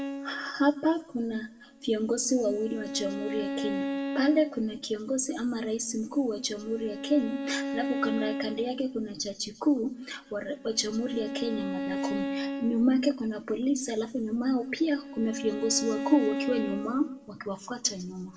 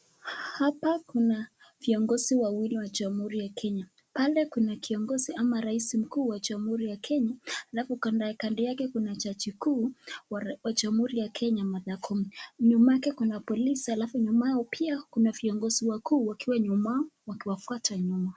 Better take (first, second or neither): second